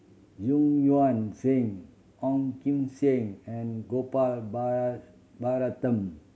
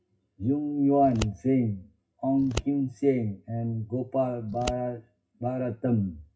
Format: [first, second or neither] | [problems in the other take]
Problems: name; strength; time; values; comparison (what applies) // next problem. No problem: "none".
first | noise reduction (classical method WPE with log-MMSE)